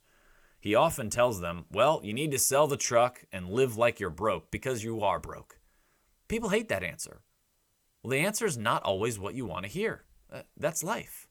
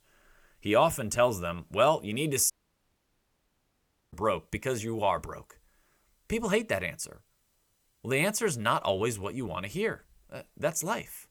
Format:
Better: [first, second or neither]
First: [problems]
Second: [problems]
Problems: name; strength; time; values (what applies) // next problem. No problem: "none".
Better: first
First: none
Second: audio cutting out; at 2.5 s for 1.5 s